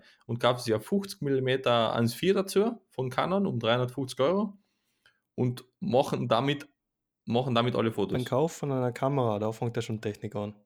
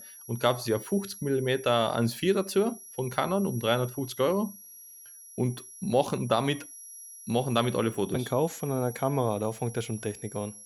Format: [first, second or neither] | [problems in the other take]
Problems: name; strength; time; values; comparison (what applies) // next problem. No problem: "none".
first | high-pitched whine; noticeable; throughout; 11 kHz, 15 dB below the speech